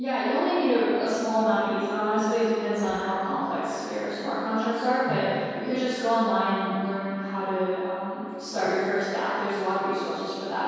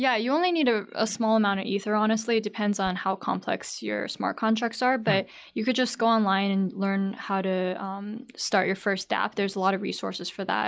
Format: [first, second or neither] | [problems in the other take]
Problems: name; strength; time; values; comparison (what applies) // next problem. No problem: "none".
second | room echo; dies away in 2.2 s